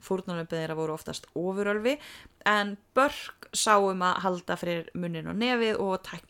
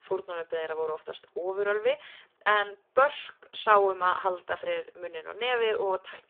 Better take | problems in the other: first | phone-call audio; poor line; nothing above 3.5 kHz

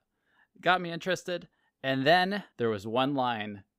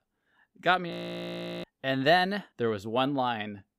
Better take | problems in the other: first | audio freezing; at 1 s for 0.5 s

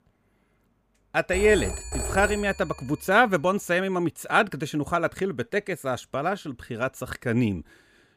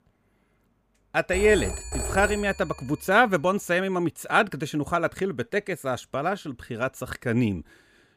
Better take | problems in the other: neither | phone ringing; noticeable; from 1.5 to 3 s; peak 5 dB below the speech; the same in both

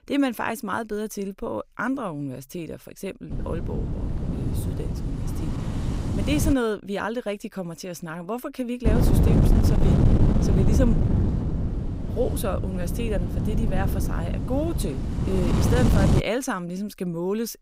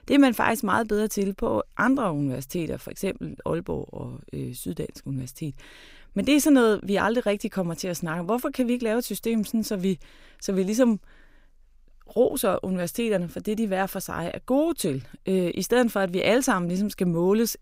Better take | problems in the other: second | wind noise on the microphone; heavy; from 3.5 to 6.5 s and from 9 to 16 s; 2 dB below the speech

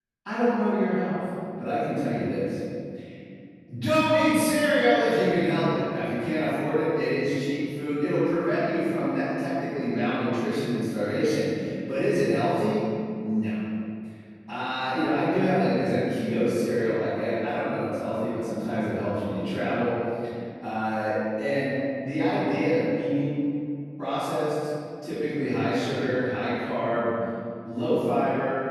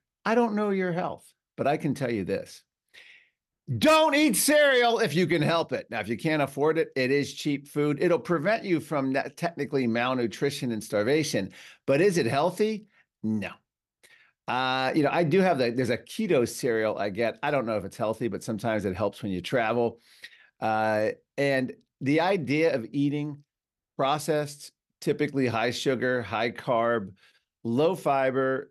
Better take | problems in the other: second | off-mic speech; far // room echo; strong; dies away in 2.4 s

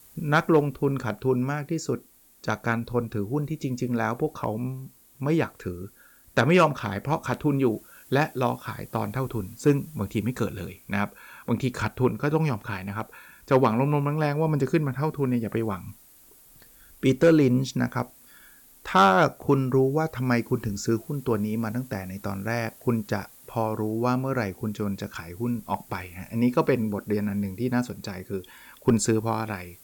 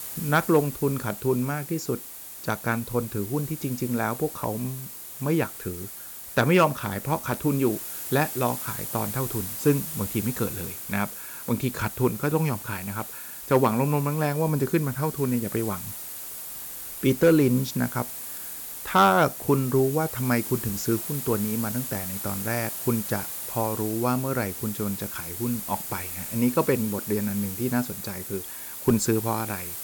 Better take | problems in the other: first | hiss; loud; throughout; 7 dB below the speech; faint in the first

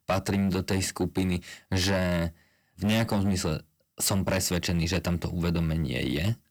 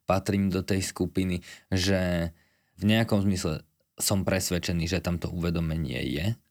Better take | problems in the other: second | distortion; slight; 8% of the sound clipped

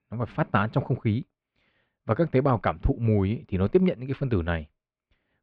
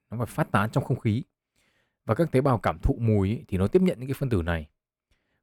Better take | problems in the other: second | muffled; very slightly; fading above 4 kHz

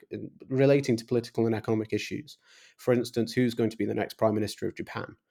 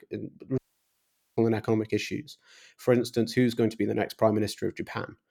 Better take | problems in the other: first | audio cutting out; at 0.5 s for 1 s

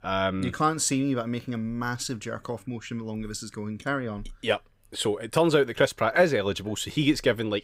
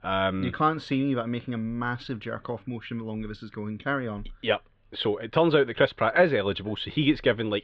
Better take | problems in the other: first | muffled; very; fading above 3.5 kHz

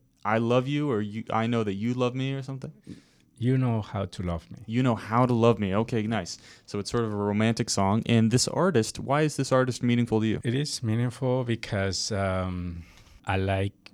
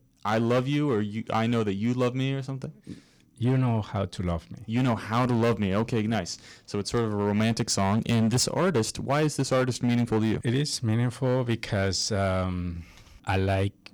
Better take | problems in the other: first | distortion; slight; 8% of the sound clipped

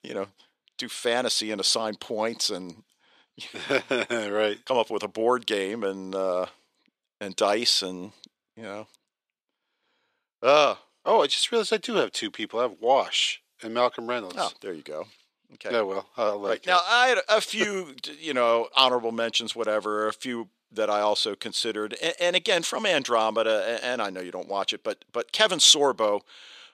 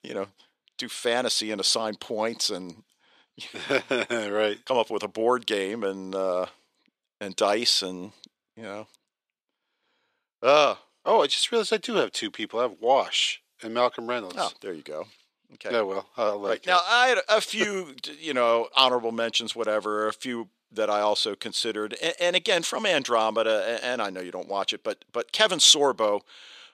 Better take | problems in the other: neither | thin; somewhat; fading below 450 Hz; the same in both

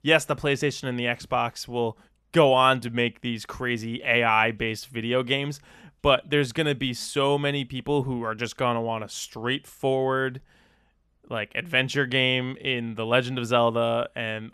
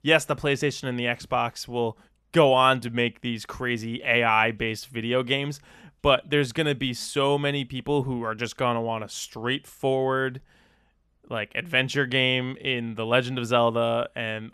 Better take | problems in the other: neither | none

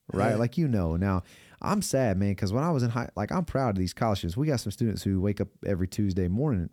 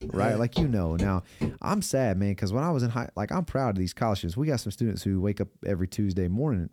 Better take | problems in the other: first | footsteps; noticeable; until 1.5 s; peak 6 dB below the speech

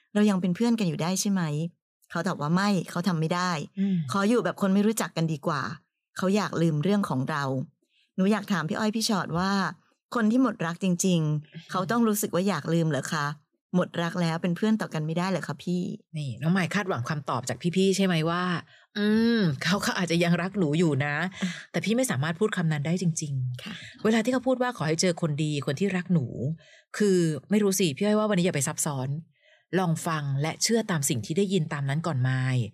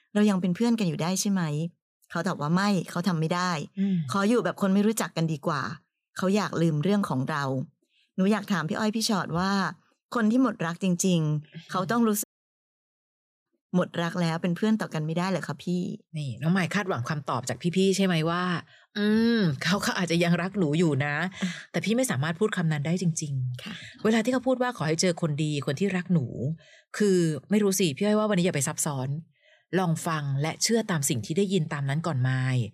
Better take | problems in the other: first | audio cutting out; at 12 s for 1 s

